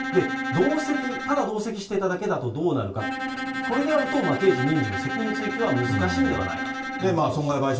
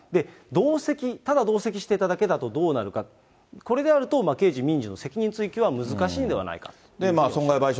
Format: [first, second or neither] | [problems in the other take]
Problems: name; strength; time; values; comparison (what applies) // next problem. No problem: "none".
second | background sound (Bowed string instrument); 5 dB below the speech // room echo; dies away in 0.2 s